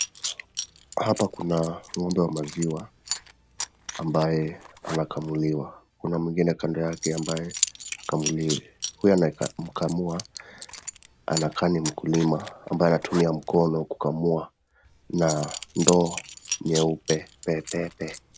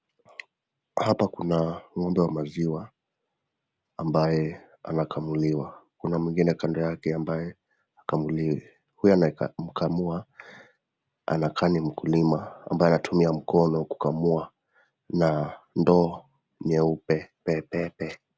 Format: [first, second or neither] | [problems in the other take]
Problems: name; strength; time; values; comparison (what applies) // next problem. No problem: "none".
second | background sound (Coin (dropping) / Zipper (clothing)); 10 dB below the speech